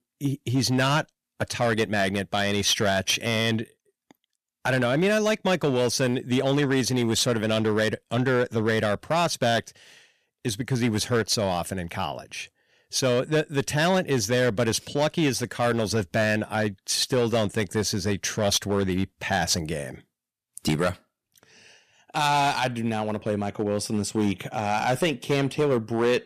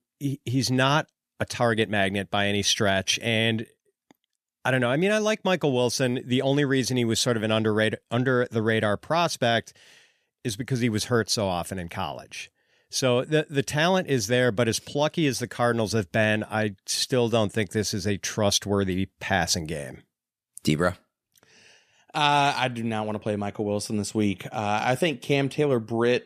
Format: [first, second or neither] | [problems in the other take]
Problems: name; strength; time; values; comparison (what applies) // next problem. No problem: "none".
second | distortion; slight; 6% of the sound clipped